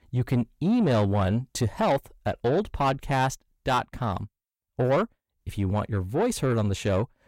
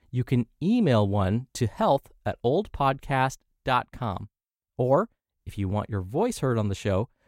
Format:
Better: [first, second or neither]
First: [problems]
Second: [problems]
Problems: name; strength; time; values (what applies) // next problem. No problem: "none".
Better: second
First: distortion; slight; 10 dB below the speech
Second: none